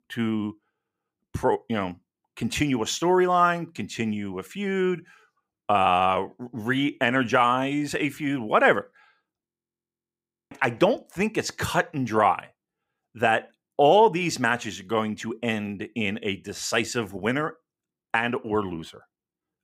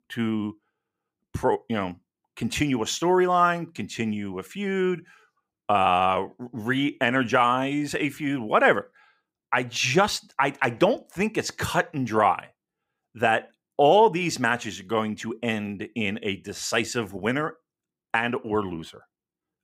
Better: second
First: audio freezing; at 9.5 s for 1 s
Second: none

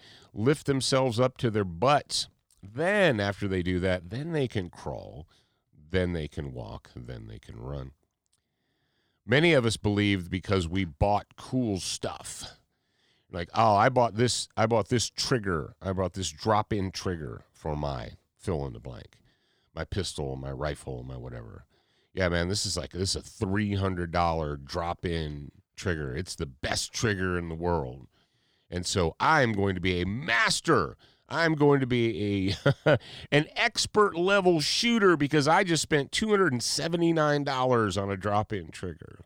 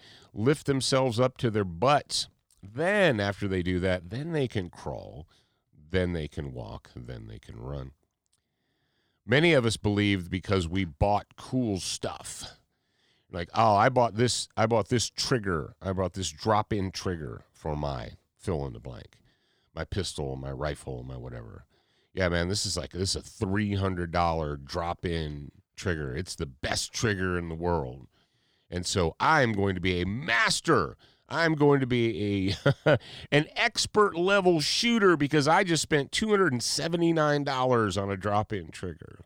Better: neither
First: none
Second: none

